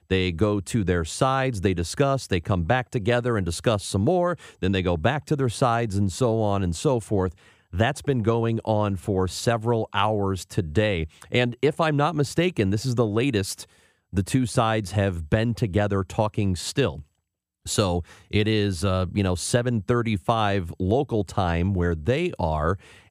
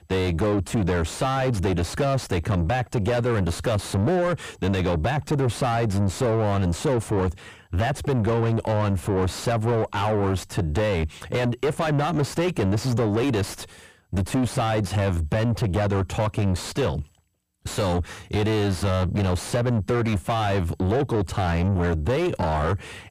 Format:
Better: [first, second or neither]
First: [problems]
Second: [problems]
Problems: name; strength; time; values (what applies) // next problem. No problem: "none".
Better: first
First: none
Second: distortion; heavy; 5 dB below the speech